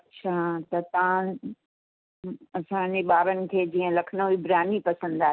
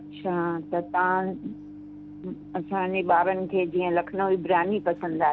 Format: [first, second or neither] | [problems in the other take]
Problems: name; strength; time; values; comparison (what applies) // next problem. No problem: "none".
first | background sound (Microwave oven); 16 dB below the speech